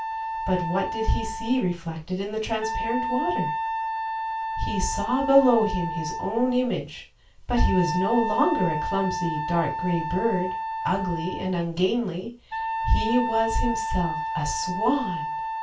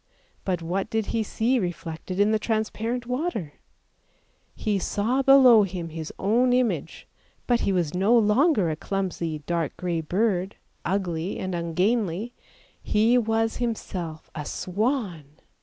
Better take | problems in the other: second | background sound (Wind instrument, woodwind instrument); 4 dB below the speech // room echo; dies away in 0.3 s

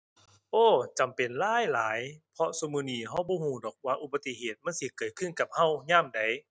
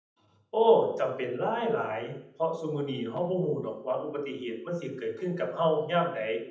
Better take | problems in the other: first | room echo; dies away in 0.8 s

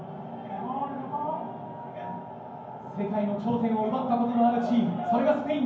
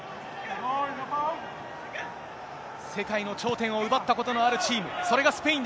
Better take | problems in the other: second | room echo; dies away in 0.9 s

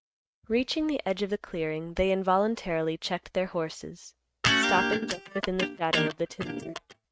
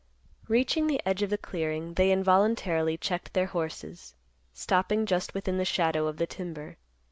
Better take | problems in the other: second | noise reduction (neural mask model RNNoise)

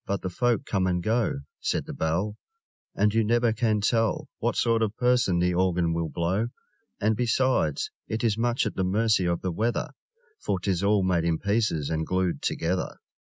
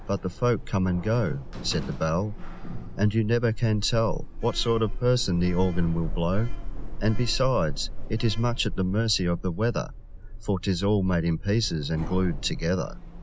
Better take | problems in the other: first | background sound (Sliding door); 5 dB below the speech

